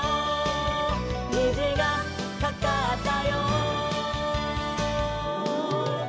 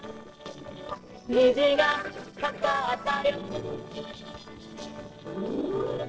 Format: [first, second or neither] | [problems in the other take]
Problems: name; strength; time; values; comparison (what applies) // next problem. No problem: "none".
first | noise reduction (neural separator model SepFormer DNS4)